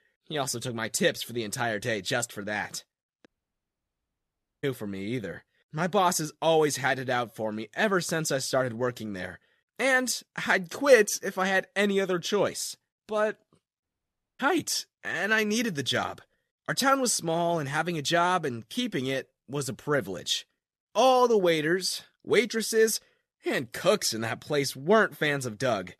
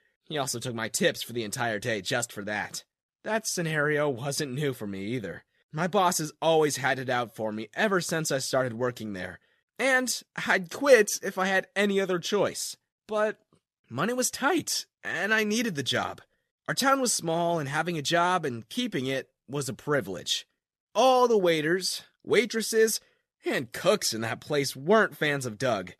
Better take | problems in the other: second | audio cutting out; at 3.5 s for 1.5 s and at 14 s for 0.5 s

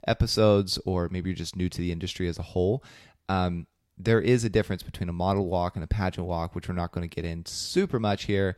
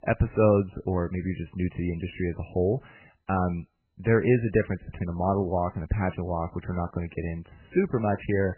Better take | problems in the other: first | garbled, watery; badly; nothing above 2.5 kHz

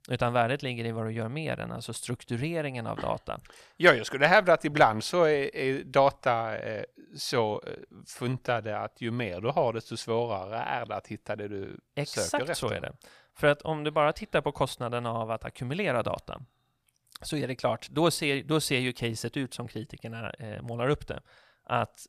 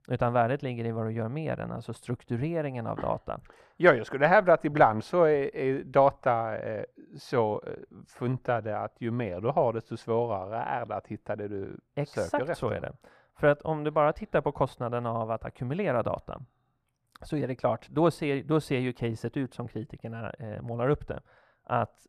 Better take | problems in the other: first | muffled; slightly; fading above 2 kHz

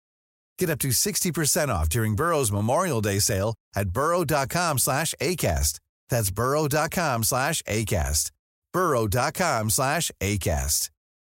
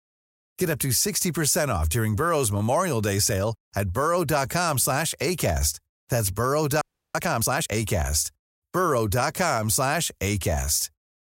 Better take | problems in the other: first | audio freezing; at 7 s

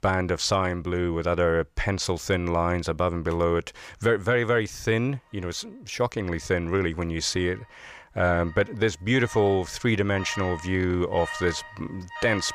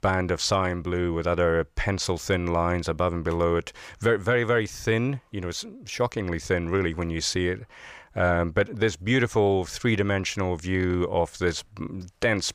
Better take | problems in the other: second | alarms or sirens; noticeable; throughout; 15 dB below the speech

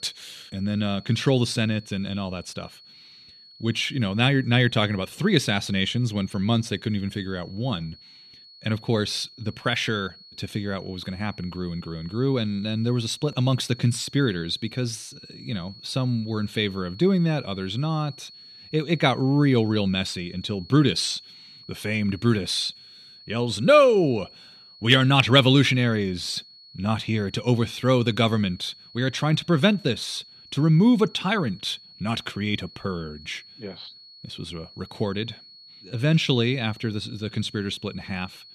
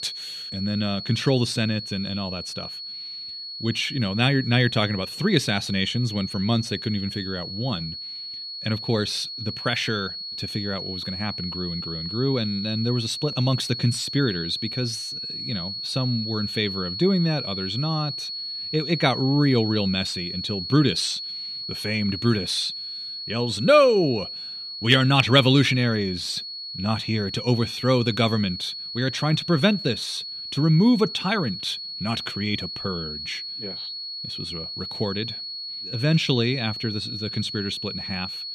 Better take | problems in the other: first | high-pitched whine; loud; throughout; 4.5 kHz, 7 dB below the speech; faint in the first

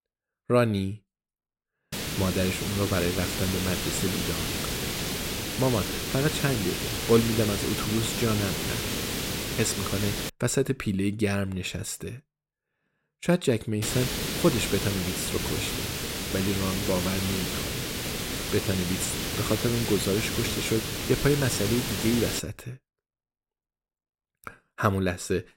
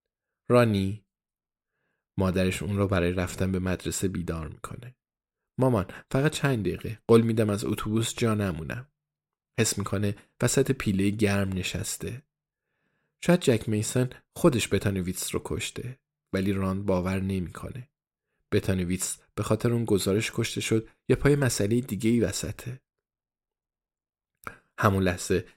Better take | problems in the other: second | hiss; loud; from 2 to 10 s and from 14 to 22 s; 2 dB below the speech

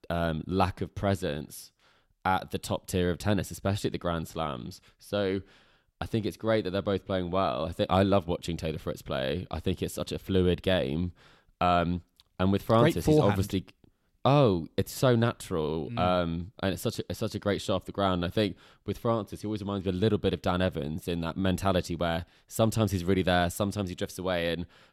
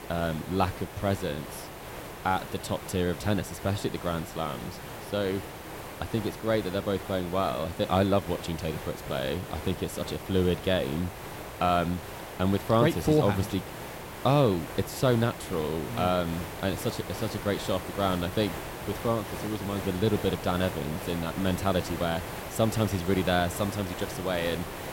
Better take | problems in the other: first | hiss; loud; throughout; 9 dB below the speech

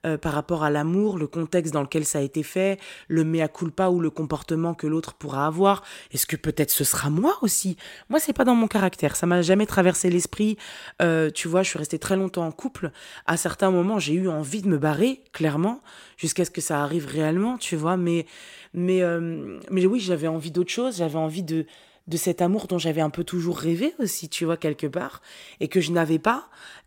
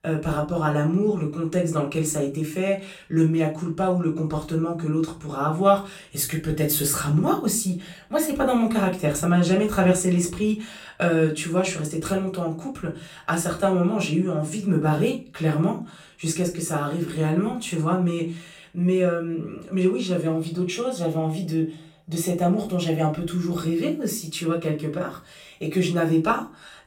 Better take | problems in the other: first | off-mic speech; far // room echo; very slight; dies away in 0.3 s

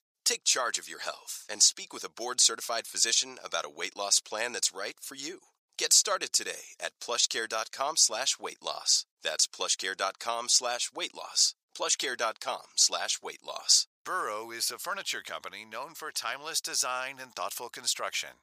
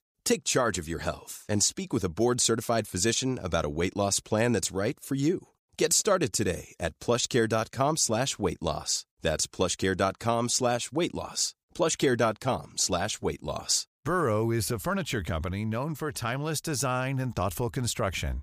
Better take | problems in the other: second | thin; very; fading below 800 Hz

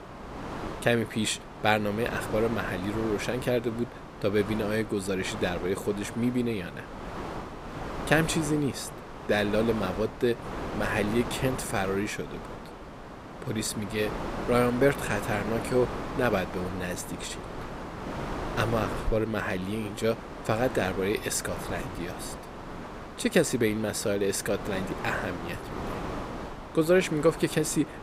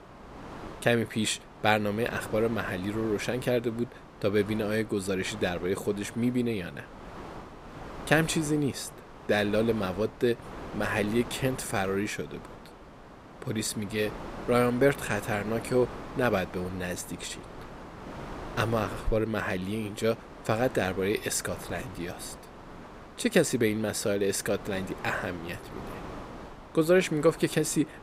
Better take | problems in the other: second | wind noise on the microphone; heavy; 8 dB below the speech; occasional gusts in the second

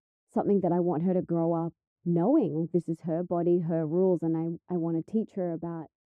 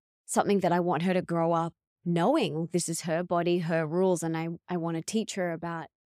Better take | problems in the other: second | muffled; very; fading above 1.5 kHz

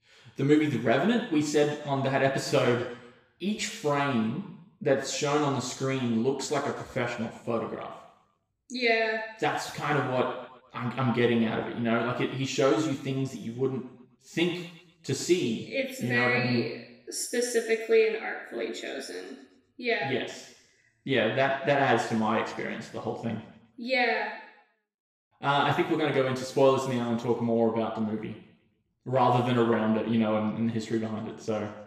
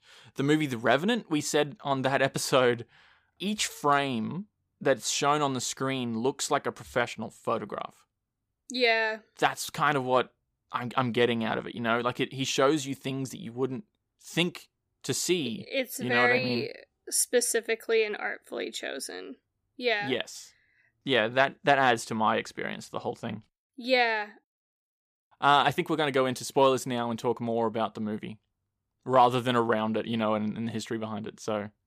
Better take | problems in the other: second | room echo; noticeable; dies away in 0.8 s // off-mic speech; far

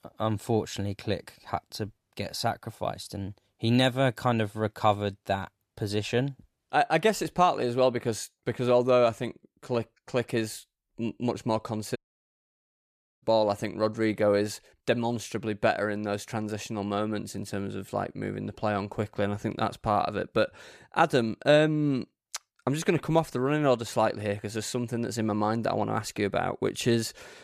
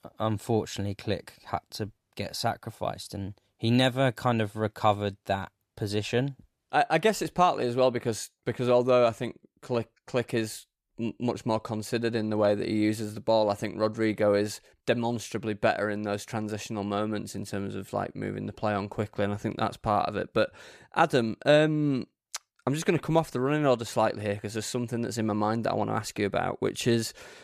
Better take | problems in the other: second | audio cutting out; at 12 s for 1.5 s

